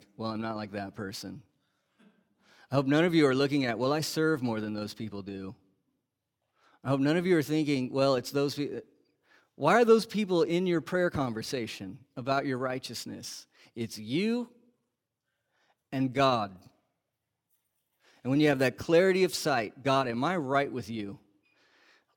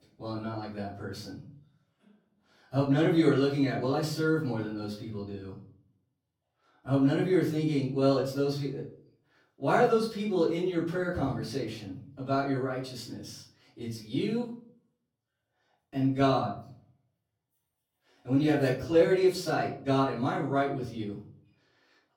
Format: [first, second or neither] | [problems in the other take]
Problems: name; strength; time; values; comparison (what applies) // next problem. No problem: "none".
first | off-mic speech; far // room echo; noticeable; dies away in 0.5 s